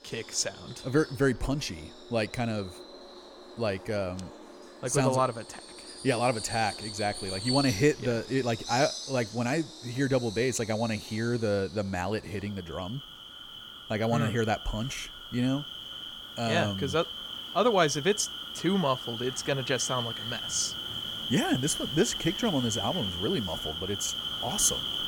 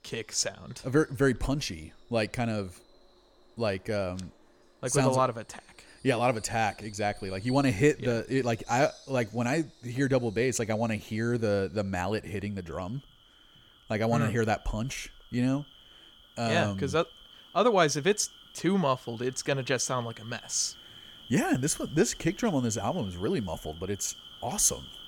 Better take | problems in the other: second | animal sounds; loud; throughout; 7 dB below the speech; faint in the second

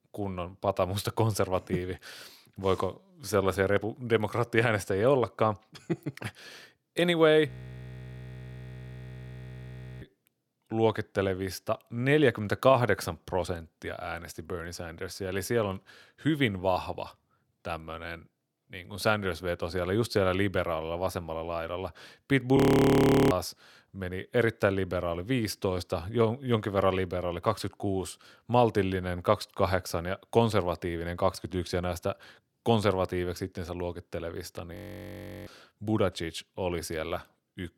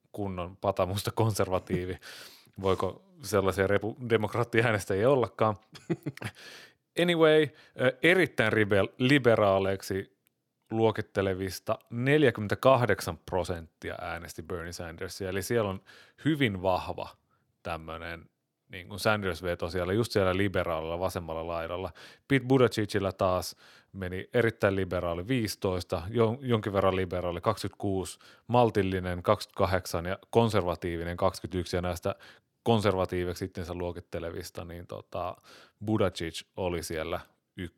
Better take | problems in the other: second | audio freezing; at 7.5 s for 2.5 s, at 23 s for 0.5 s and at 35 s for 0.5 s

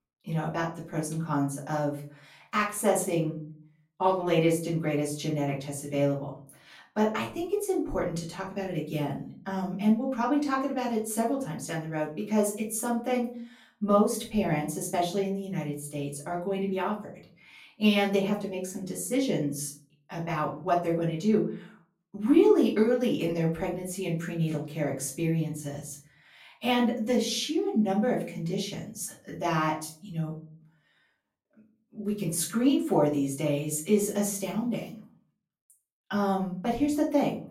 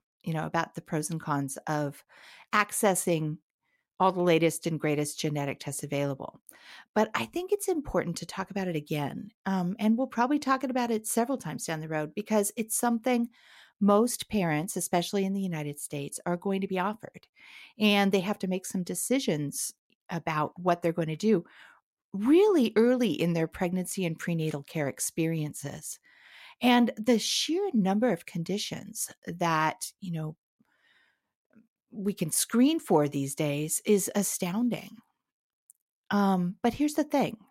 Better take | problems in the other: second | off-mic speech; far // room echo; slight; dies away in 0.4 s

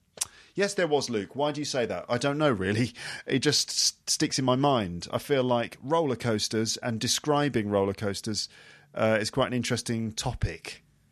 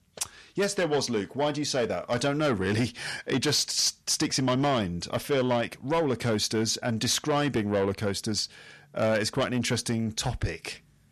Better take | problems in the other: first | distortion; slight; 10 dB below the speech

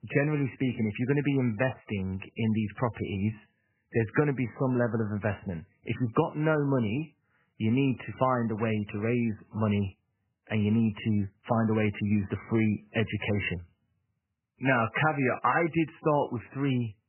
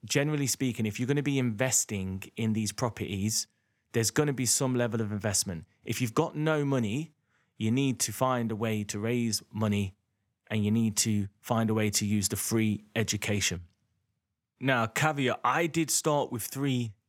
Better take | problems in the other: second | garbled, watery; badly; nothing above 3 kHz

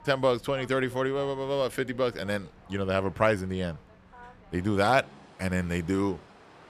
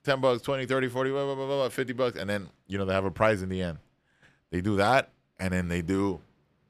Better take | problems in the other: second | train or aircraft noise; faint; throughout; 25 dB below the speech

